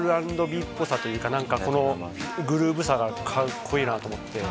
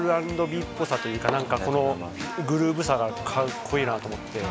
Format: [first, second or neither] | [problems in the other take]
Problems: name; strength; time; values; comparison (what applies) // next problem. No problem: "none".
first | background sound (Fireworks); 14 dB below the speech